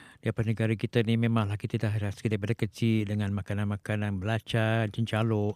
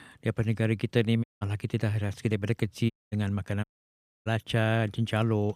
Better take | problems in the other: first | audio cutting out; at 1 s, at 3 s and at 3.5 s for 0.5 s

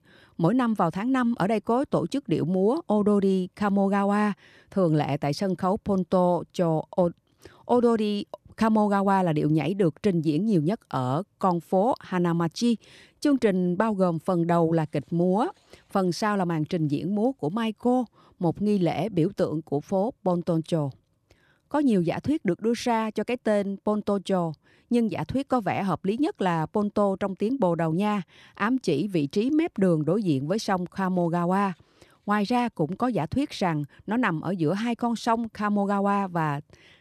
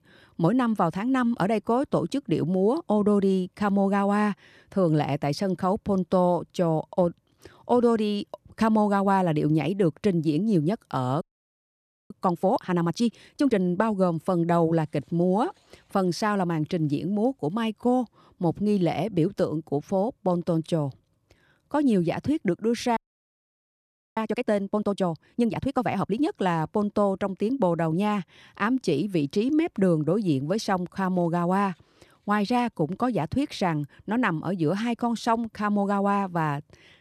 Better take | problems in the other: first | audio freezing; at 11 s for 1 s and at 23 s for 1 s

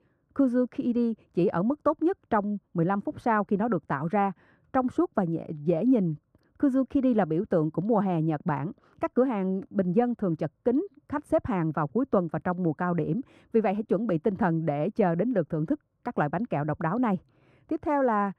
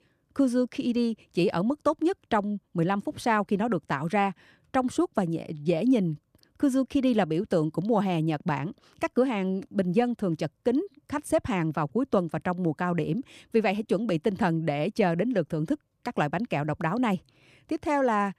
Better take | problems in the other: second | muffled; very; fading above 2 kHz

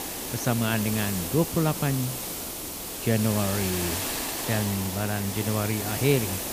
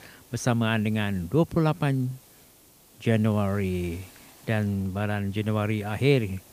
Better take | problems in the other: second | hiss; loud; throughout; 3 dB below the speech; faint in the second

